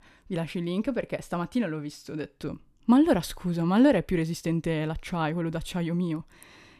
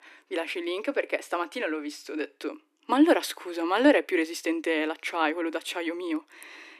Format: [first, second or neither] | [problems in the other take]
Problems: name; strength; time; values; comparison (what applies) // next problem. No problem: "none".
first | thin; somewhat; fading below 300 Hz